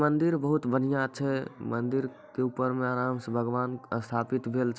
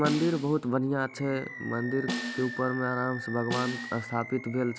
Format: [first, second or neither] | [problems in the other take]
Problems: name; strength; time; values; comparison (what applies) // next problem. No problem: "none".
first | background sound (Snare drum + Animal); 8 dB below the speech